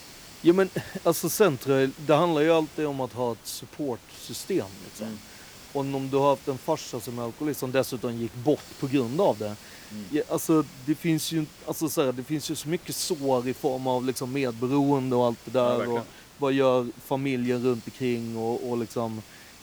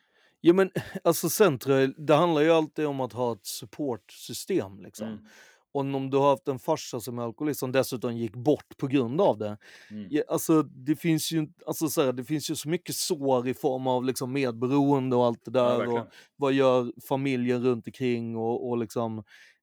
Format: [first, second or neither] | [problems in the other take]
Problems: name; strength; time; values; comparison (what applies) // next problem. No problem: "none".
second | hiss; noticeable; throughout; 20 dB below the speech